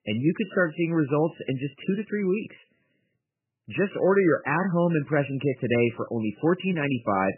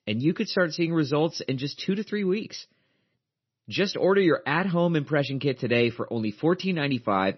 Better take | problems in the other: second | garbled, watery; badly; nothing above 3 kHz; slightly in the second

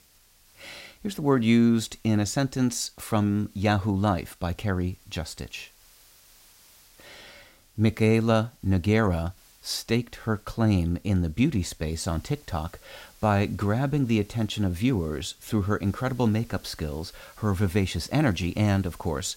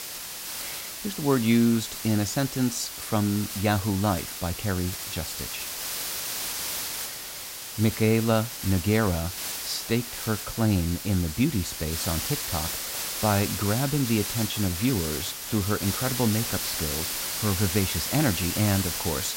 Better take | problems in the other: first | hiss; loud; throughout; 4 dB below the speech; faint in the first

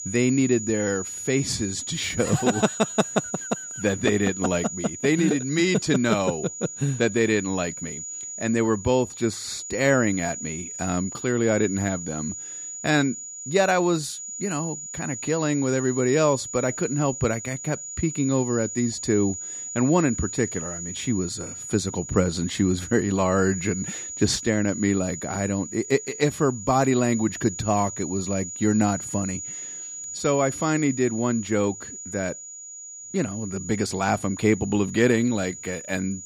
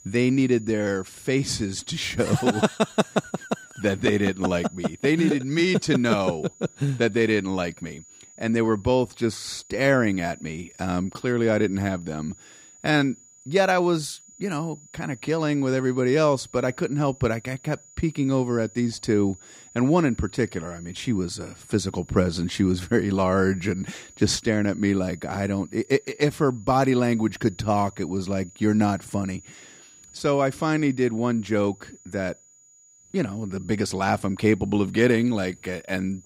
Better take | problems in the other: second | high-pitched whine; loud; throughout; 7 kHz, 8 dB below the speech; faint in the second

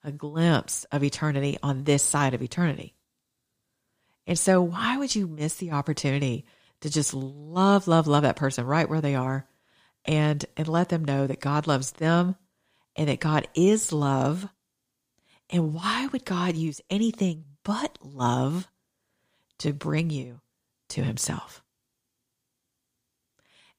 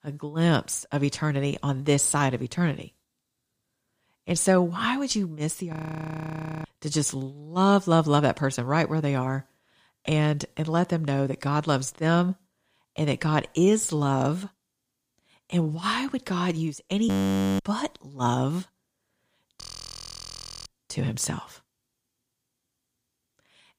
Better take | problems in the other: first | audio freezing; at 5.5 s for 1 s, at 17 s for 0.5 s and at 20 s for 1 s

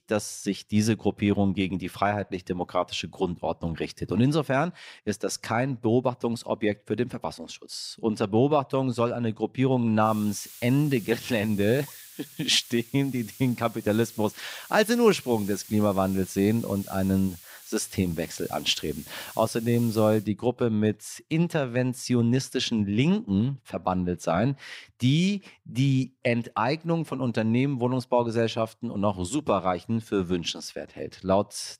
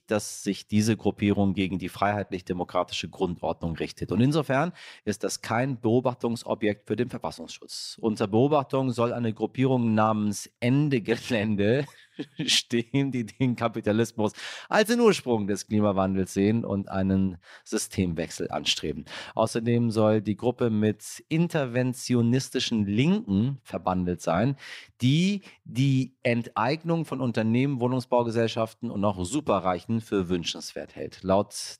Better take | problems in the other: second | hiss; noticeable; from 10 to 20 s; 20 dB below the speech

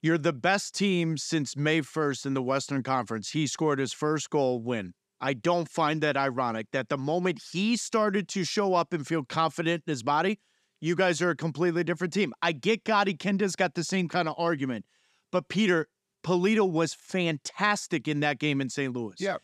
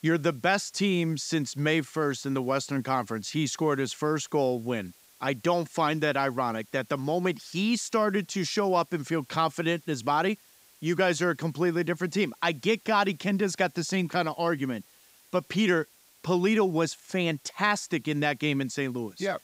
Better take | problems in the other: first | hiss; faint; throughout; 30 dB below the speech

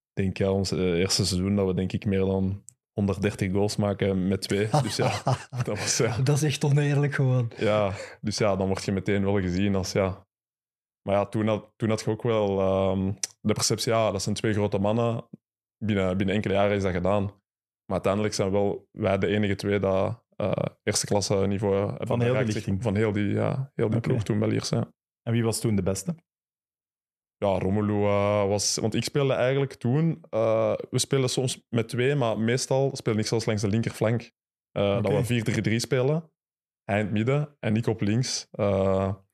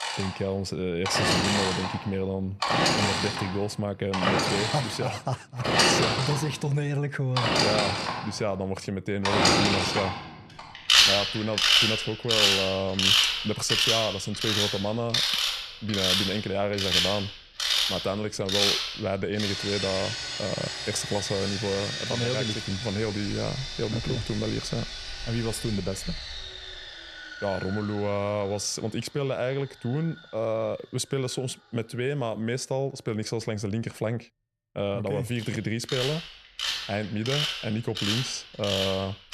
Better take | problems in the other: first | machinery noise; very loud; throughout; 5 dB above the speech

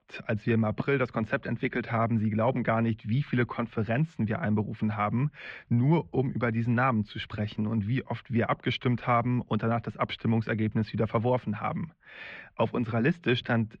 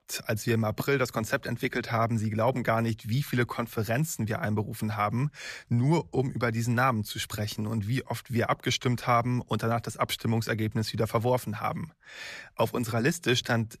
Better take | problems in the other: second | muffled; very; fading above 3 kHz

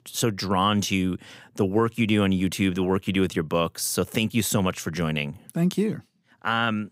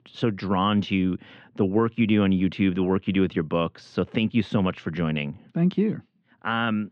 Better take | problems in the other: first | muffled; very; fading above 3.5 kHz

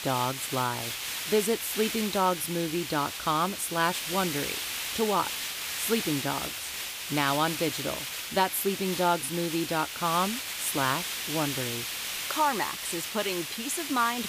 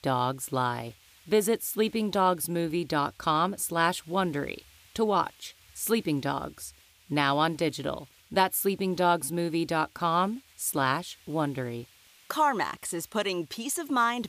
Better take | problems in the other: second | hiss; loud; throughout; 3 dB below the speech; faint in the second

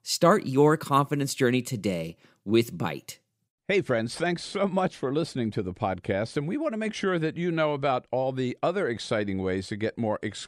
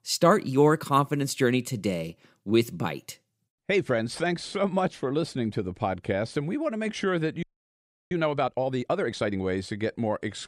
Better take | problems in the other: first | audio freezing; at 7.5 s for 0.5 s

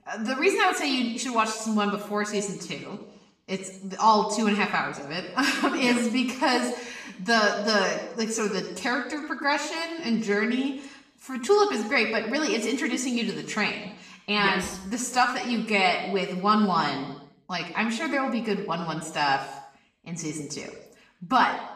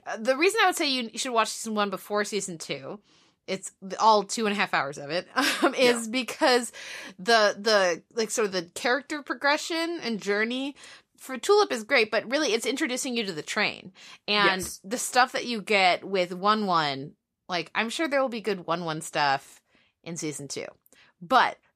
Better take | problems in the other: second | room echo; slight; dies away in 0.8 s // off-mic speech; far

